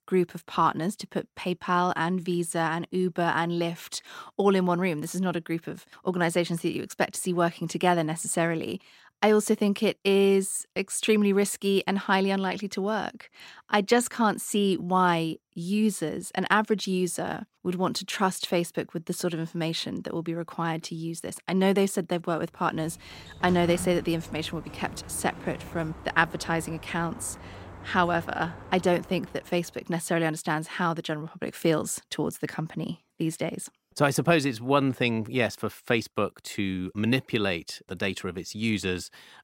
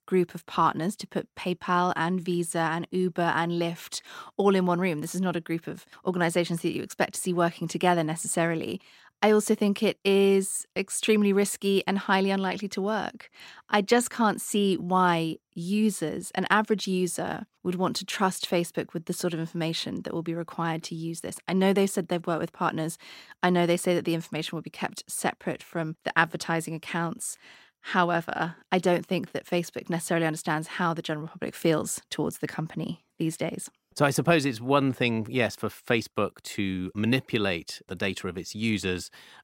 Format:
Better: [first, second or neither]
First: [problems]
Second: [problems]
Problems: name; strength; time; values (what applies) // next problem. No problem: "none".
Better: second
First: door banging; noticeable; from 23 to 30 s; peak 10 dB below the speech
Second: none